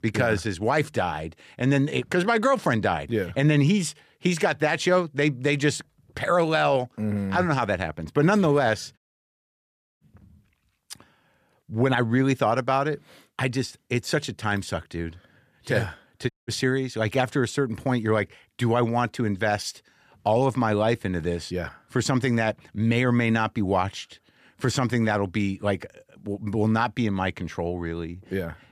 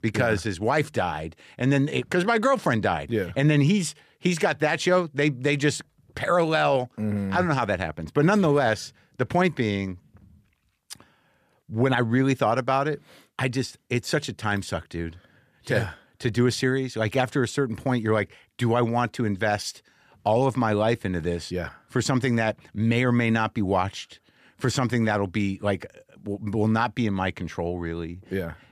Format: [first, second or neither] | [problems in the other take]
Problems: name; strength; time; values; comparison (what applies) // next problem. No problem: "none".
second | audio cutting out; at 9 s for 1 s and at 16 s